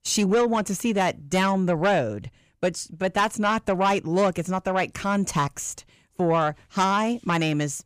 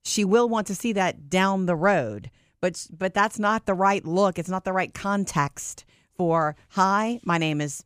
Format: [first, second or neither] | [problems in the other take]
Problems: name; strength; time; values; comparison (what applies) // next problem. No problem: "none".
second | distortion; slight; 10 dB below the speech